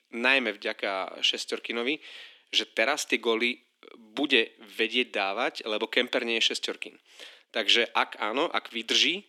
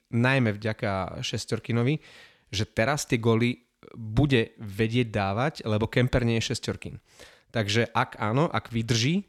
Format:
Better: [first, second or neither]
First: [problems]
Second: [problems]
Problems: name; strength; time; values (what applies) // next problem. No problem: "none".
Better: second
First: thin; somewhat; fading below 250 Hz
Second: none